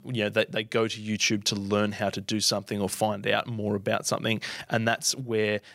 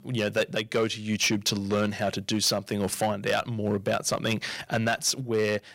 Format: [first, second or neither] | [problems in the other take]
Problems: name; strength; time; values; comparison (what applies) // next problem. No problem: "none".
first | distortion; slight; 4% of the sound clipped